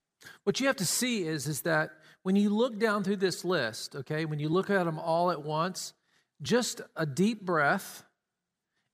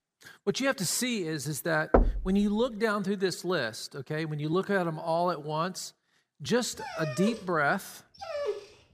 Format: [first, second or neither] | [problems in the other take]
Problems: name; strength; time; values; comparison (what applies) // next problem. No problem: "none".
first | door banging; loud; at 2 s; peak 4 dB above the speech // dog barking; noticeable; from 7 s on; peak 4 dB below the speech